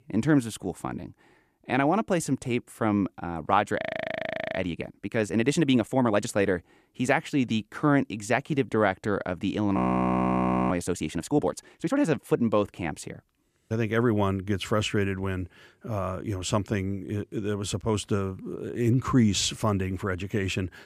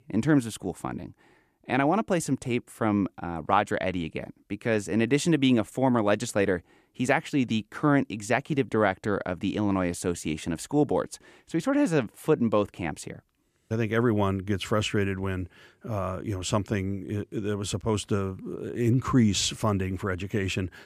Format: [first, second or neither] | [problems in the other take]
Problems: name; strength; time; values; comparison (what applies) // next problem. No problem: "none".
second | audio freezing; at 4 s for 0.5 s and at 10 s for 1 s